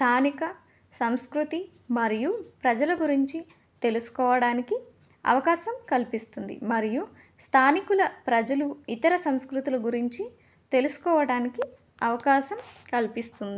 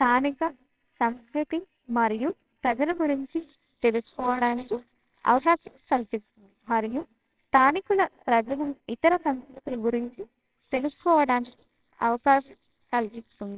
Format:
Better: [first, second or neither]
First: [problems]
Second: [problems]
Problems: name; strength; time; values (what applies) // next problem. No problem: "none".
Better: first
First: none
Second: noise reduction (neural separator model SepFormer WHAMR!)